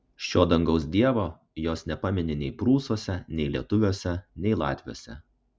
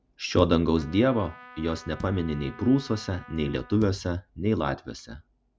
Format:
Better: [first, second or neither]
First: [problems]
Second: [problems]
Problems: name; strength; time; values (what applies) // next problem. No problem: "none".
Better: first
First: none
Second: background sound (Bass drum + Trumpet); 19 dB below the speech